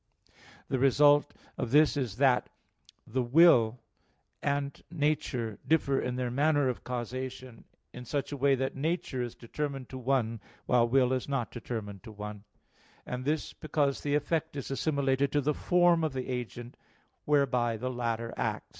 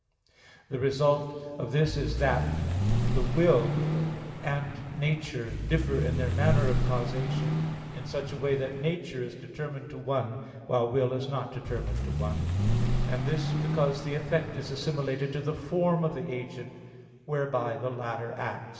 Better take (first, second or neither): first